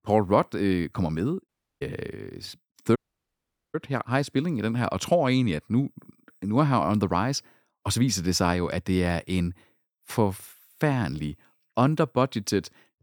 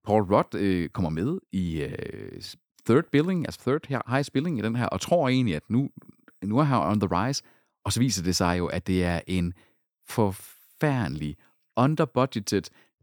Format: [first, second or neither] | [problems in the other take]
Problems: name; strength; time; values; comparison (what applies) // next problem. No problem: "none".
second | audio cutting out; at 1.5 s and at 3 s for 1 s